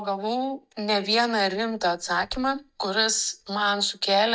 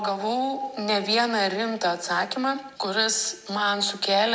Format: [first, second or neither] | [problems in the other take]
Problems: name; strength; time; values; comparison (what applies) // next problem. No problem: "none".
second | noise reduction (neural mask model DeepFilterNet 3)